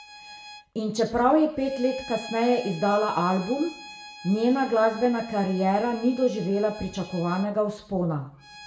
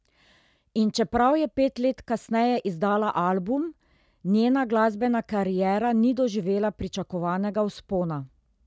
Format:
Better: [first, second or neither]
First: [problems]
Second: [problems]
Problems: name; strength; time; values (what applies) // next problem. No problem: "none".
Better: second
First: background sound (Bowed string instrument); 18 dB below the speech // room echo; dies away in 0.5 s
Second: none